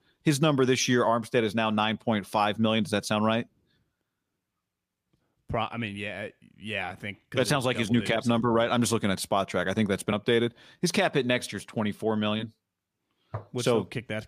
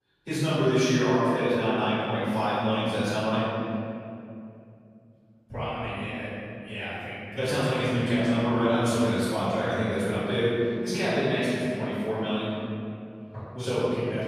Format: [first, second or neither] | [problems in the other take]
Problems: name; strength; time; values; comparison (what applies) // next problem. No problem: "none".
first | room echo; strong; dies away in 2.5 s // off-mic speech; far